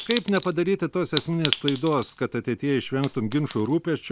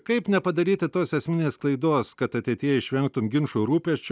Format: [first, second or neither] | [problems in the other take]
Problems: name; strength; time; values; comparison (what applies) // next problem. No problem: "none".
second | background sound (Chink, clink); 10 dB below the speech